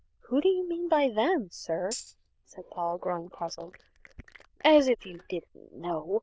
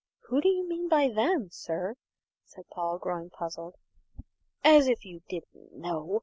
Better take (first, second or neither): second